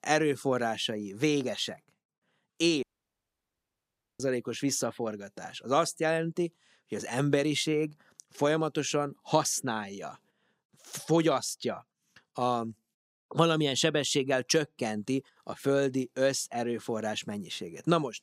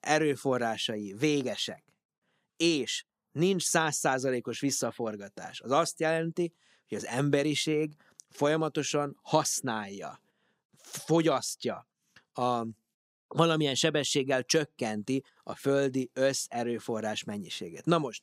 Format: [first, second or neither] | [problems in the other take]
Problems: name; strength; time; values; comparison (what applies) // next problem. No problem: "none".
second | audio cutting out; at 3 s for 1.5 s